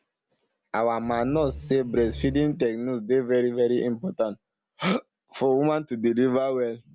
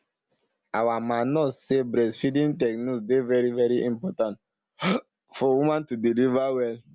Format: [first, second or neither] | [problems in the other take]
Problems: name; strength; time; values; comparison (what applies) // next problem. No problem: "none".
second | background sound (Growling); 13 dB below the speech